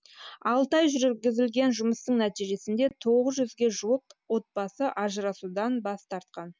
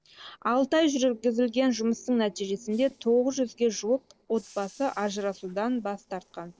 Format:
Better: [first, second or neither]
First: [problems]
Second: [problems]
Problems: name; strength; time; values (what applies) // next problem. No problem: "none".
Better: first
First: none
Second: noise reduction (neural separator model SepFormer DNS4)